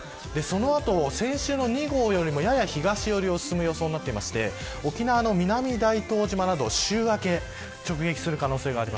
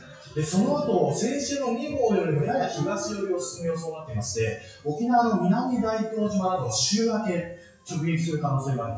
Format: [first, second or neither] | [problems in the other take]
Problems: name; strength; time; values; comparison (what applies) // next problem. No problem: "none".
first | noise reduction (classical method WPE with log-MMSE)